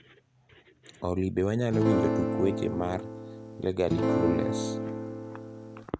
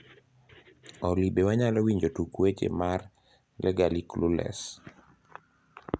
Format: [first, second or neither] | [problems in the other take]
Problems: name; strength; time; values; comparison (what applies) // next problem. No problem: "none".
second | background sound (Acoustic guitar / Strum); 1 dB above the speech